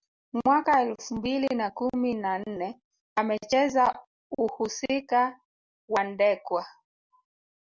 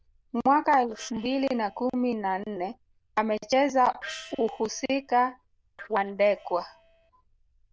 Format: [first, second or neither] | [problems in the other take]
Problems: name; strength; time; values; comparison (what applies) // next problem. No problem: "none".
first | noise reduction (neural diffusion model UNIVERSE++)